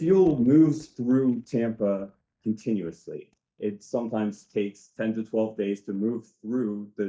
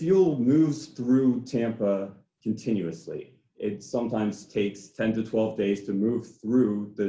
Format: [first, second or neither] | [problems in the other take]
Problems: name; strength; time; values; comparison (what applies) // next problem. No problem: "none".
second | noise reduction (neural mask model DeepFilterNet 3)